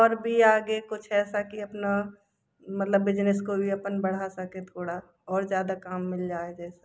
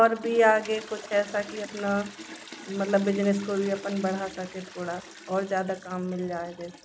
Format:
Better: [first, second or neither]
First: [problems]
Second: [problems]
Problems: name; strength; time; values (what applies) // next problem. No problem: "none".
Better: first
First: none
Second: background sound (Toilet flush); 16 dB below the speech